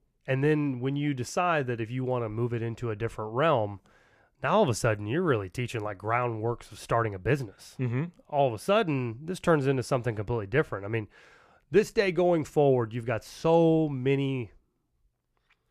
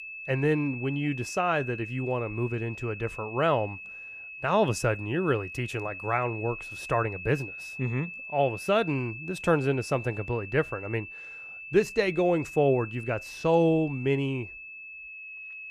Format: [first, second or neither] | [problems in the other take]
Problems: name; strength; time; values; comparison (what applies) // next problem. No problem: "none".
first | high-pitched whine; noticeable; throughout; 2.5 kHz, 10 dB below the speech